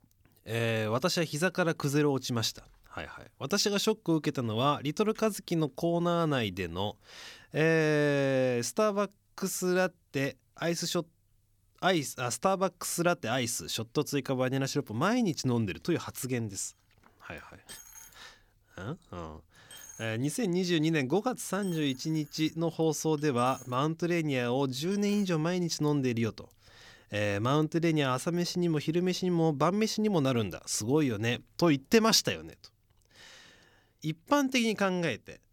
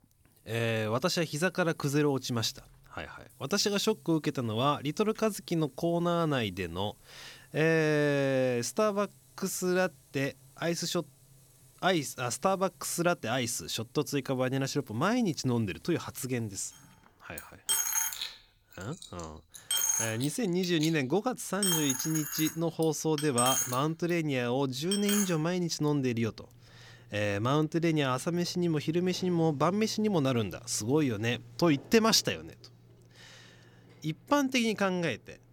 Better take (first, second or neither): first